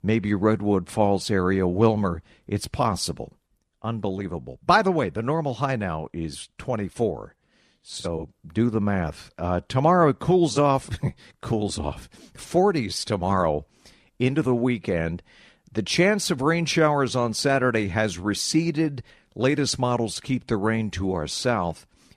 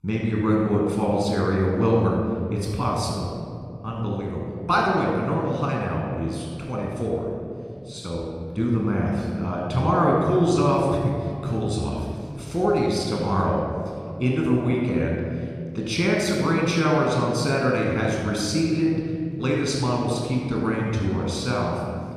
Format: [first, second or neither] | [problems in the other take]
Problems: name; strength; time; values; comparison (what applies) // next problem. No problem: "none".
first | off-mic speech; somewhat distant // room echo; noticeable; dies away in 2.7 s